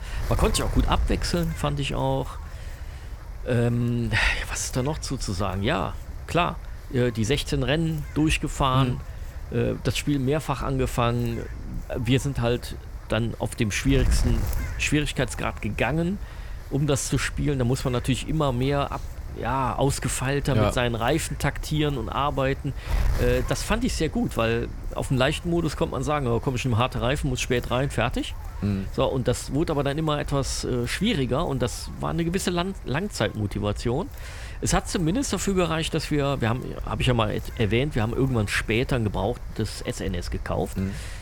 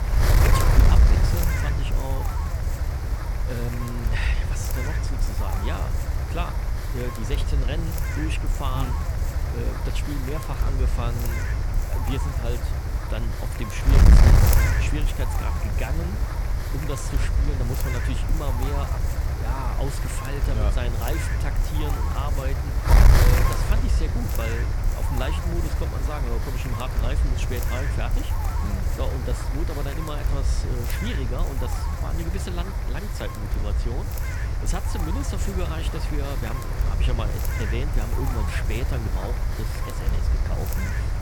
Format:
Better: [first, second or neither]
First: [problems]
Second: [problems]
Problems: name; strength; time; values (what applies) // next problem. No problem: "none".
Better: first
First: wind noise on the microphone; occasional gusts; 20 dB below the speech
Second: wind noise on the microphone; heavy; 2 dB above the speech